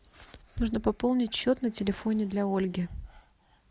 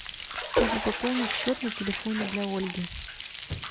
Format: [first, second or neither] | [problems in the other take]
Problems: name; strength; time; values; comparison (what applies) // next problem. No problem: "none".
first | background sound (Bathtub (filling or washing) + Frying (food)); 1 dB below the speech